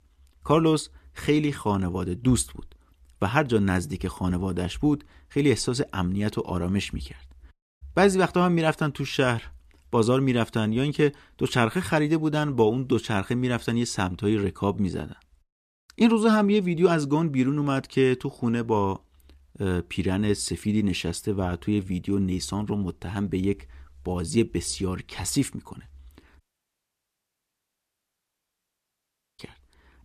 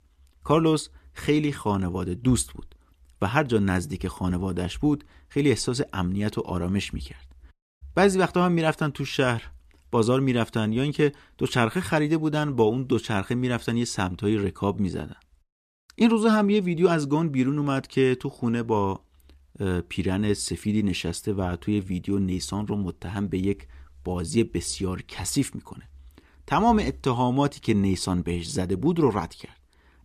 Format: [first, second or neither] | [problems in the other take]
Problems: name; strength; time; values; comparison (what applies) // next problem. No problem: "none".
second | audio cutting out; at 26 s for 3 s